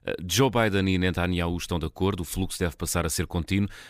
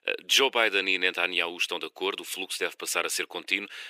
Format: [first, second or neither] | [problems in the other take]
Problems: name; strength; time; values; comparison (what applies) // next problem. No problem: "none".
first | thin; very; fading below 350 Hz